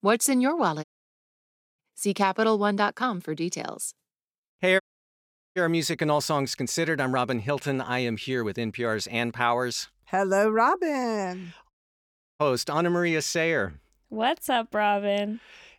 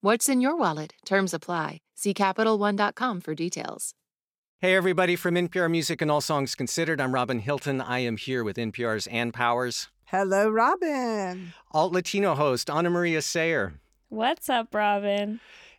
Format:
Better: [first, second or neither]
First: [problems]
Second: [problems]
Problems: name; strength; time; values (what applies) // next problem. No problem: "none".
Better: second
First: audio cutting out; at 1 s for 1 s, at 5 s for 1 s and at 12 s for 0.5 s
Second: none